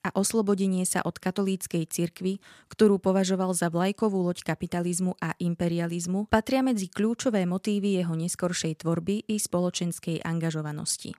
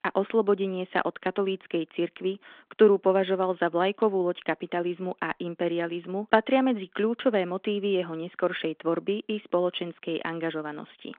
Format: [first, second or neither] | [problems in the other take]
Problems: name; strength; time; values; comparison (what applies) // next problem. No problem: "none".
first | phone-call audio; nothing above 3.5 kHz